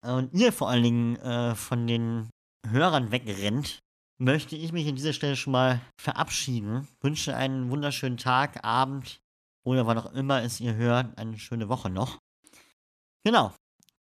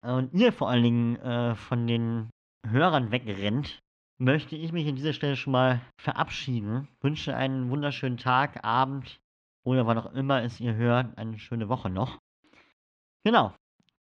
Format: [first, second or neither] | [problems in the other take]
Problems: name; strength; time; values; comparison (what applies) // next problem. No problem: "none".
first | muffled; slightly; fading above 3.5 kHz